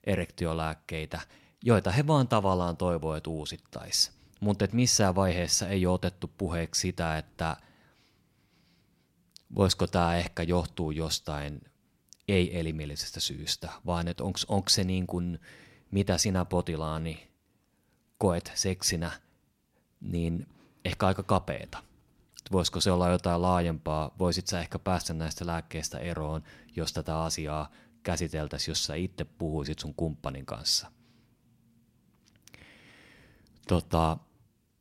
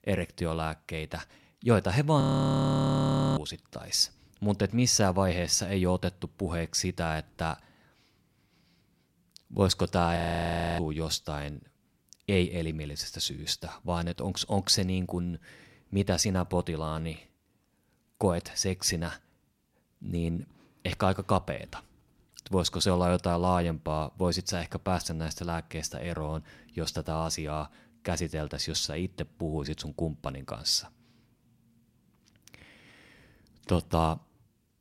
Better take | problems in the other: first | audio freezing; at 2 s for 1 s and at 10 s for 0.5 s

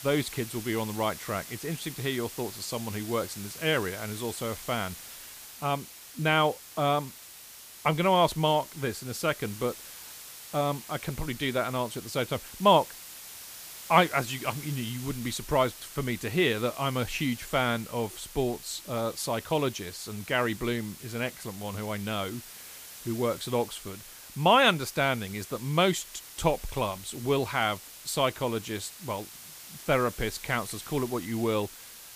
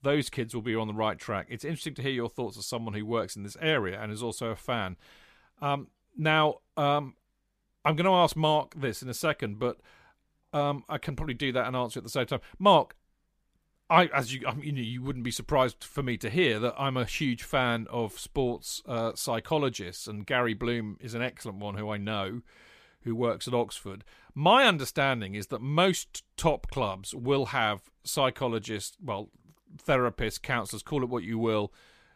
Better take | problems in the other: second | hiss; noticeable; throughout; 15 dB below the speech

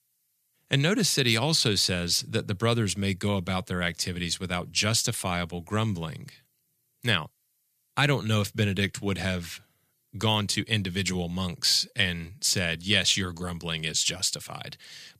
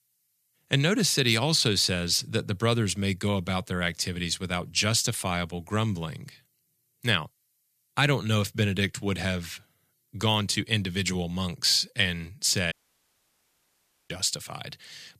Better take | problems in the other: first | audio cutting out; at 13 s for 1.5 s

